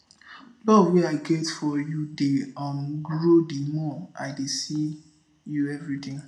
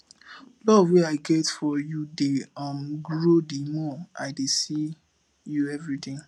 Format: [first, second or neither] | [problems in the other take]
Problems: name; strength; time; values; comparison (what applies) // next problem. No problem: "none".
second | room echo; dies away in 0.6 s